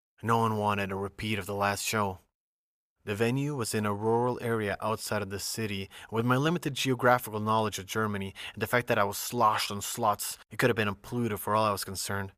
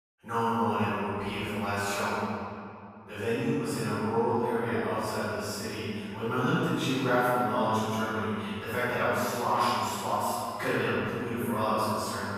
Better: first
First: none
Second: room echo; strong; dies away in 2.2 s // off-mic speech; far

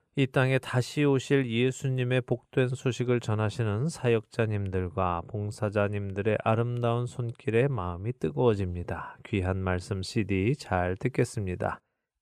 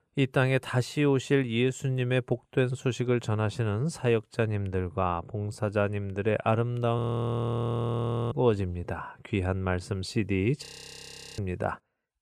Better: first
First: none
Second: audio freezing; at 7 s for 1.5 s and at 11 s for 0.5 s

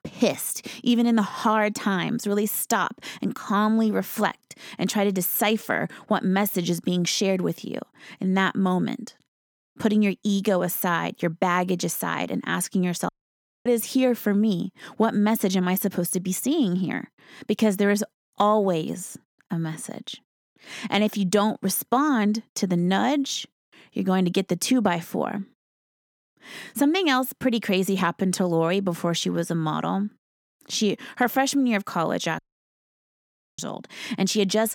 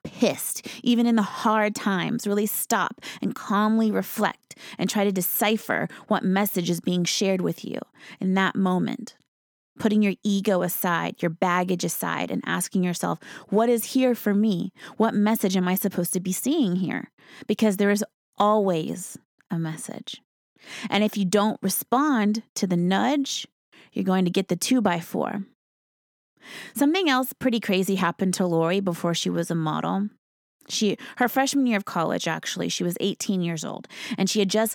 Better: second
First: audio cutting out; at 13 s for 0.5 s and at 32 s for 1 s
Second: none

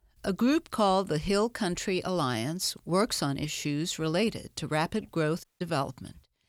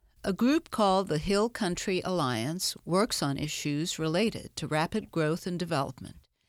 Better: second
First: audio cutting out; at 5.5 s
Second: none

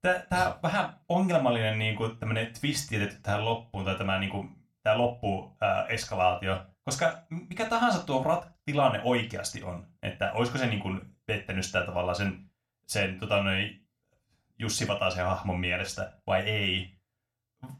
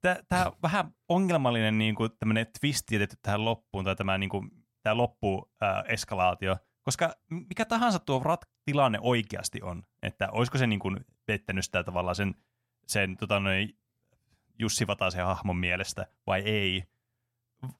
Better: second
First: room echo; very slight; dies away in 0.3 s // off-mic speech; somewhat distant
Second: none

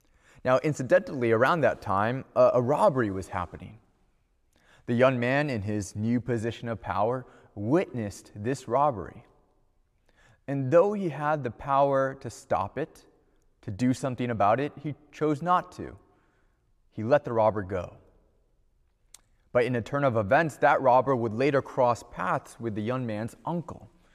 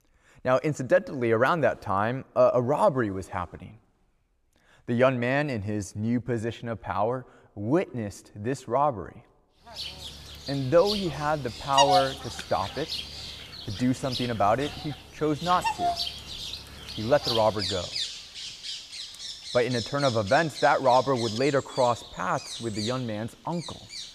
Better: first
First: none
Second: animal sounds; loud; from 10 s on; 6 dB below the speech

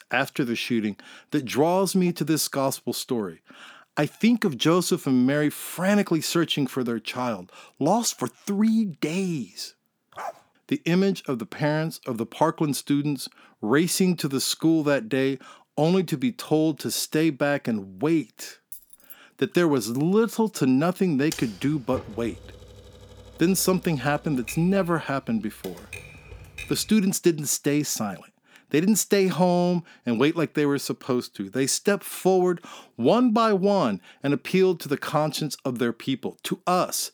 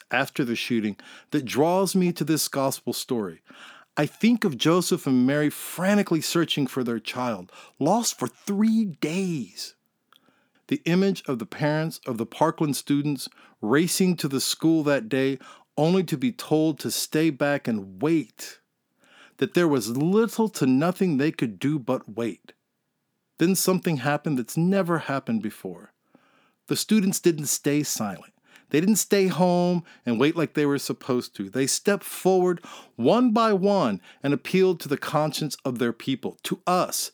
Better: second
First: dog barking; faint; at 10 s; peak 15 dB below the speech // jangling keys; faint; at 19 s; peak 15 dB below the speech // keyboard typing; faint; from 21 to 27 s; peak 10 dB below the speech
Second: none

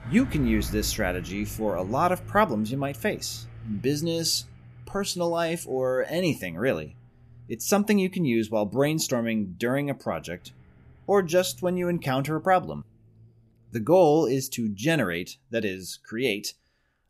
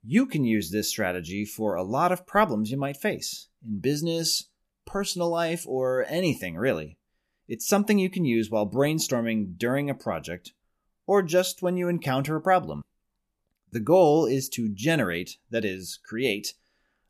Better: second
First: traffic noise; noticeable; throughout; 15 dB below the speech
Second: none

